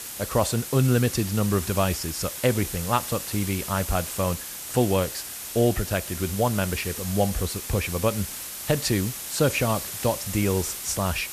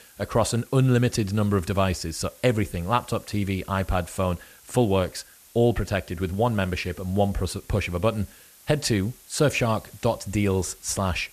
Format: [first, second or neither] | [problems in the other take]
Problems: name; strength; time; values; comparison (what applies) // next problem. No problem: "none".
second | hiss; loud; throughout; 6 dB below the speech; faint in the second